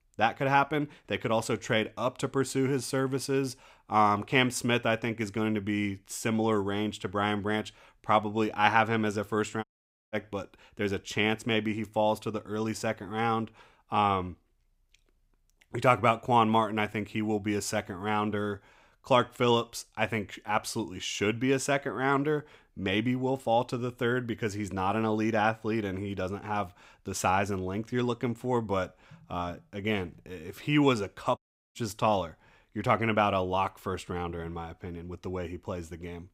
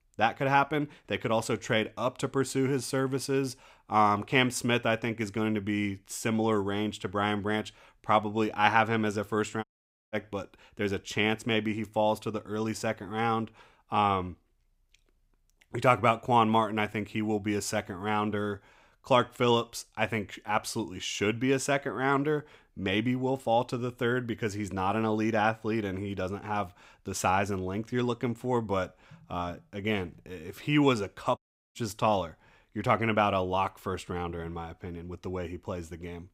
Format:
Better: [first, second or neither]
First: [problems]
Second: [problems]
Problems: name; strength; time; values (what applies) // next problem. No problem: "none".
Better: neither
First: audio cutting out; at 9.5 s and at 31 s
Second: audio cutting out; at 9.5 s and at 31 s